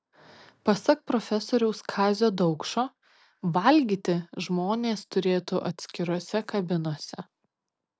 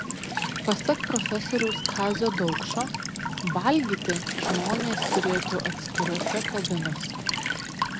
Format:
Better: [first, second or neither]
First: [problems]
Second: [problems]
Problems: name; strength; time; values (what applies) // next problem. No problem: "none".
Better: first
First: none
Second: background sound (Walk, footsteps / Stream / Trickle, dribble / Chirp, tweet); 1 dB below the speech